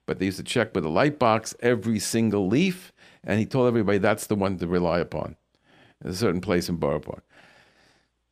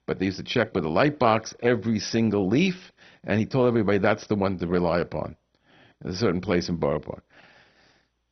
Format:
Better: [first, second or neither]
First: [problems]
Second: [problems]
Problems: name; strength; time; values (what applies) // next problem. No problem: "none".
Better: first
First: none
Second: garbled, watery; badly; nothing above 6 kHz